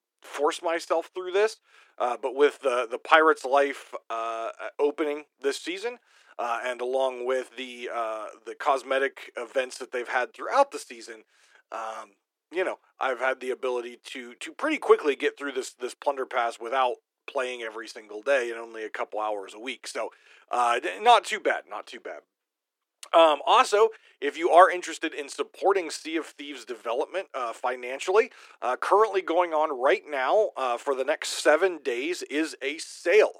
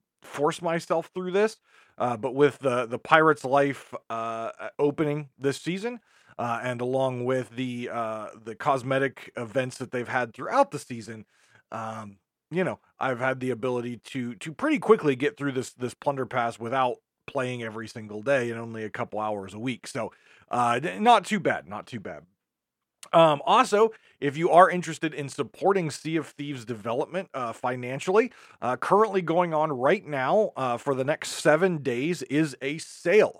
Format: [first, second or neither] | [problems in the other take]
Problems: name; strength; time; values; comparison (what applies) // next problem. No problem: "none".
second | thin; somewhat; fading below 300 Hz